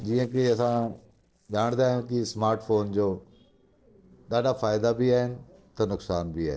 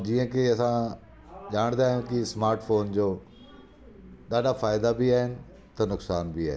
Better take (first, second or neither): second